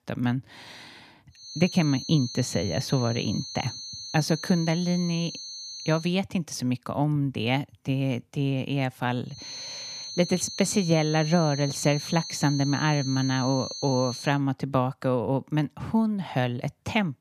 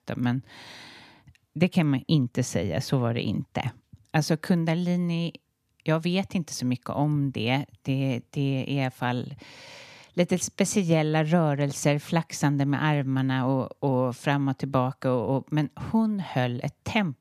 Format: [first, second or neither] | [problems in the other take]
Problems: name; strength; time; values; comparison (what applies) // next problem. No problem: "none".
second | high-pitched whine; loud; from 1.5 to 6 s and from 9.5 to 14 s; 4.5 kHz, 9 dB below the speech